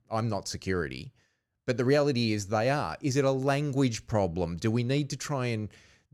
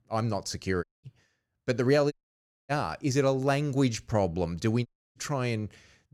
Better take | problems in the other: first | audio cutting out; at 1 s, at 2 s for 0.5 s and at 5 s

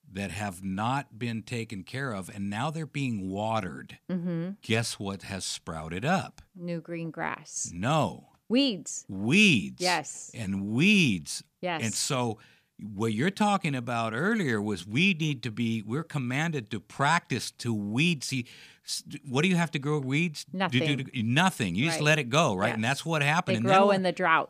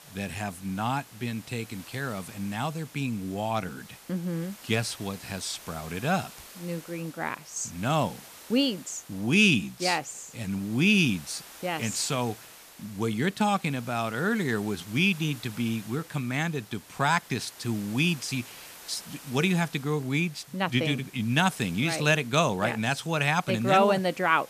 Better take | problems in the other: first | hiss; noticeable; throughout; 20 dB below the speech

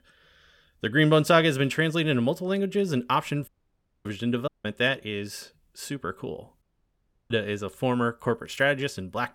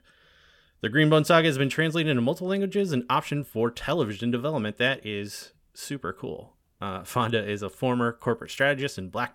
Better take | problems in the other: second | audio cutting out; at 3.5 s for 0.5 s, at 4.5 s and at 6.5 s for 0.5 s

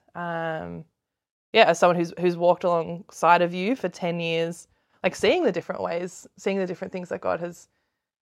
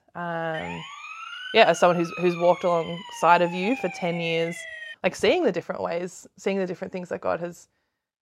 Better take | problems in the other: first | siren; noticeable; from 0.5 to 5 s; peak 10 dB below the speech

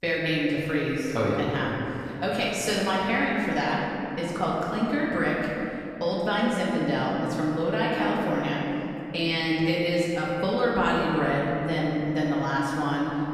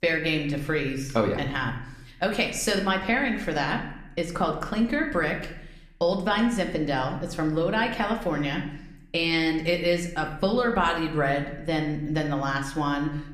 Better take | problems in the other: second | room echo; strong; dies away in 2.8 s; slight in the second // off-mic speech; far

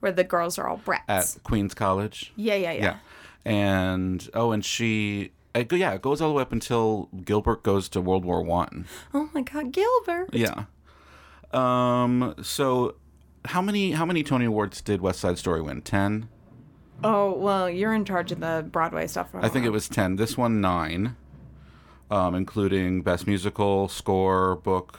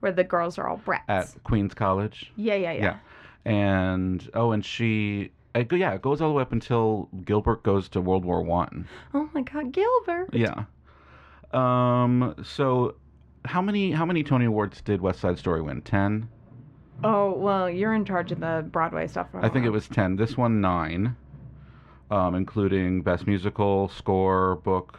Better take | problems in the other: first | muffled; slightly; fading above 3 kHz

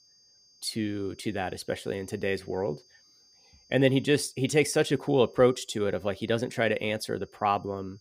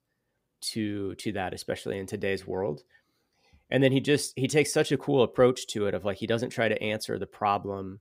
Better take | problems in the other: second | high-pitched whine; faint; throughout; 5 kHz, 30 dB below the speech

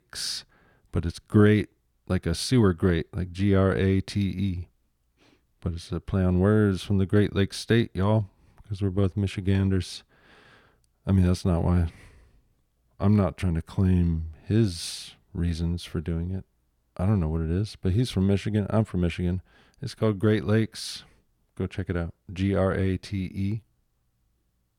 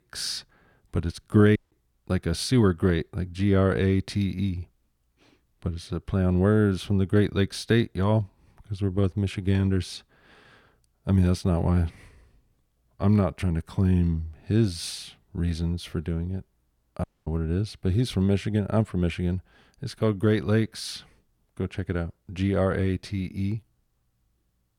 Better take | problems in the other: first | audio cutting out; at 1.5 s and at 17 s

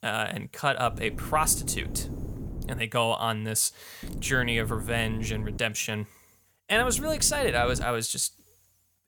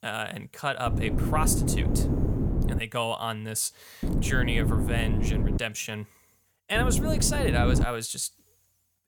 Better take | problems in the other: first | wind noise on the microphone; heavy; from 1 to 3 s, from 4 to 5.5 s and from 7 to 8 s; 6 dB below the speech; occasional gusts in the first

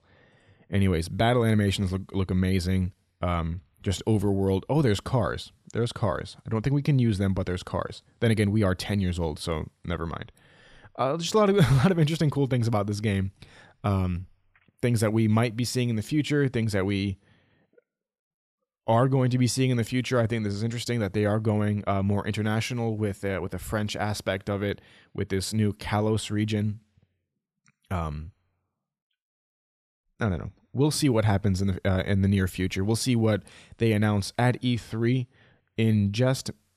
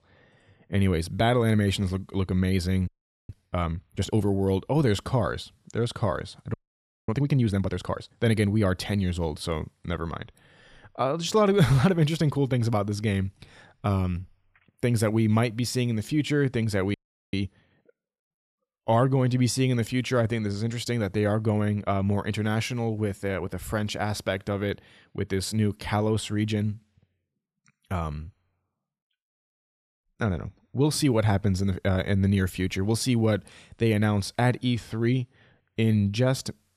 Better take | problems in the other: first | audio freezing; at 3 s, at 6.5 s for 0.5 s and at 17 s

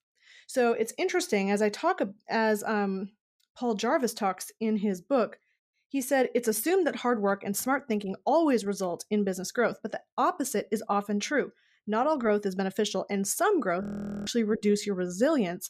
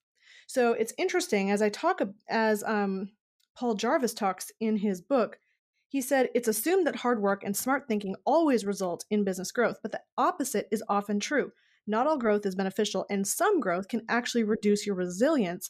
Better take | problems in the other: second | audio freezing; at 14 s

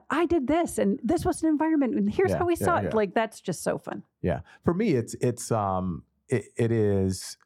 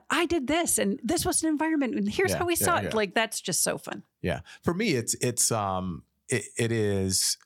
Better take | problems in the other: second | muffled; slightly; fading above 2 kHz

